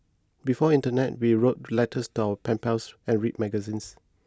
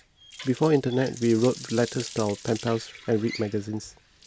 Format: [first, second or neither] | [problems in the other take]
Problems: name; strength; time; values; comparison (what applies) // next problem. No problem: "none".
first | background sound (Water tap, faucet); 16 dB below the speech